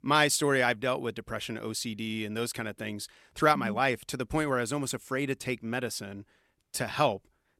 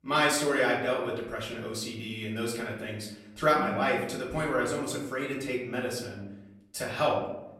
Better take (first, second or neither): first